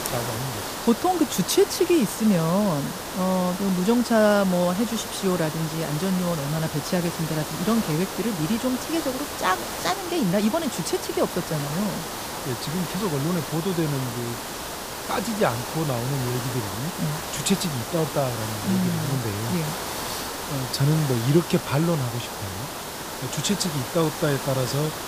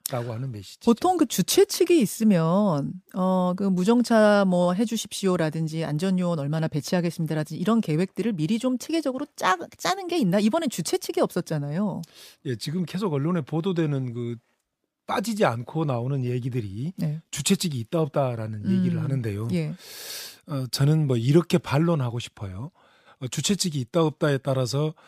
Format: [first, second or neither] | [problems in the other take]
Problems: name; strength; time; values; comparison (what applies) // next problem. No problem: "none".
second | hiss; loud; throughout; 6 dB below the speech